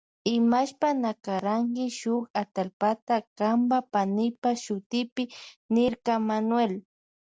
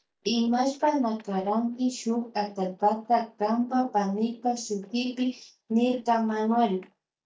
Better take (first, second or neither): first